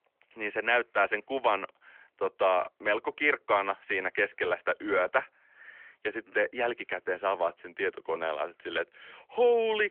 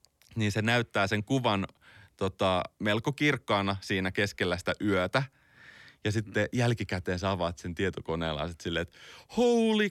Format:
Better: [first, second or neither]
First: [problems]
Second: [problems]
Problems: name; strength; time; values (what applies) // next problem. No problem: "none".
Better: second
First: phone-call audio; nothing above 3.5 kHz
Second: none